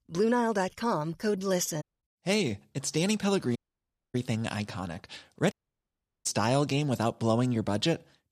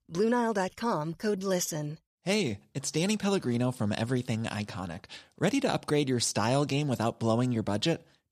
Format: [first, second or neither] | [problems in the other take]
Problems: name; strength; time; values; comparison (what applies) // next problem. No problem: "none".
second | audio cutting out; at 2 s, at 3.5 s for 0.5 s and at 5.5 s for 0.5 s